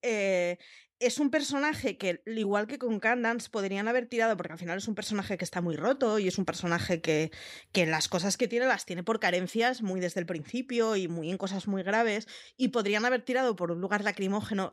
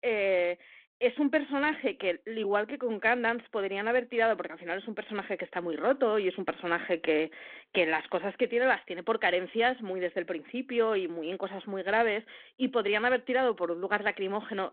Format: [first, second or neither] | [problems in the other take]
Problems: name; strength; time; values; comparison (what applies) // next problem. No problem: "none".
first | phone-call audio